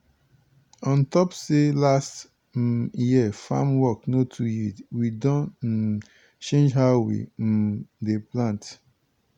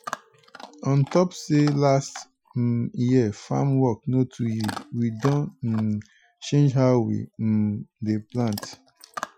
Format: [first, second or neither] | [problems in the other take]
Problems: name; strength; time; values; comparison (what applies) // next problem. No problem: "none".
first | noise reduction (classical method Wiener filter)